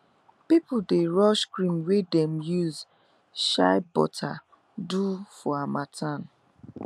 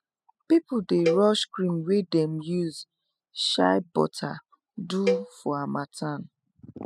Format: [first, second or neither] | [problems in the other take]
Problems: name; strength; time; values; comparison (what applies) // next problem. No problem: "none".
first | noise reduction (classical method spectral subtraction)